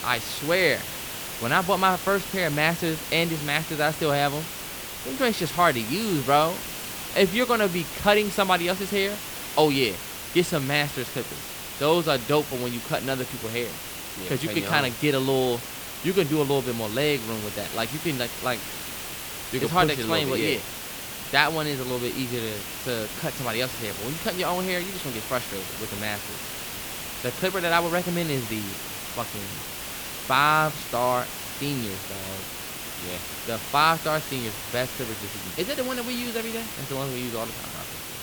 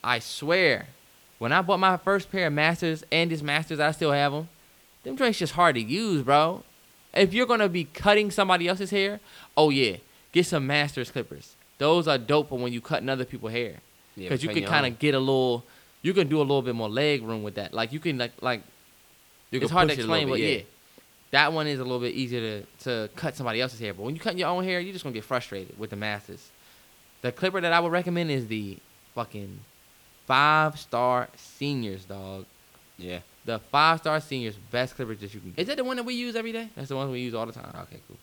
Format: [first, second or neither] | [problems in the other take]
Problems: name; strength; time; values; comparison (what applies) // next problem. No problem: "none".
second | hiss; loud; throughout; 7 dB below the speech; faint in the second